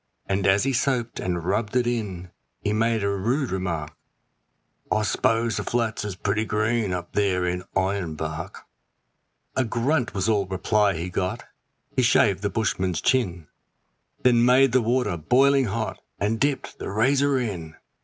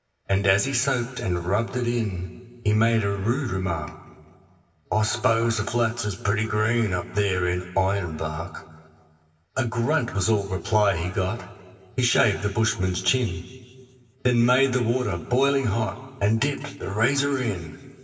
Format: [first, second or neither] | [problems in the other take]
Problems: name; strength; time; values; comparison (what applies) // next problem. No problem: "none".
first | room echo; dies away in 1.8 s